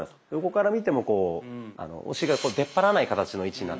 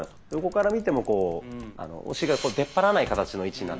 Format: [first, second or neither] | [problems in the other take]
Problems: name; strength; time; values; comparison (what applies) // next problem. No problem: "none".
first | background sound (Typing); 20 dB below the speech